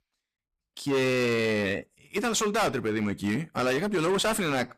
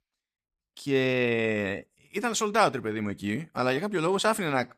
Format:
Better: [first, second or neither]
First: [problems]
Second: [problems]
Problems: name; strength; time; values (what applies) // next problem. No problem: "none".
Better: second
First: distortion; heavy; 15% of the sound clipped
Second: none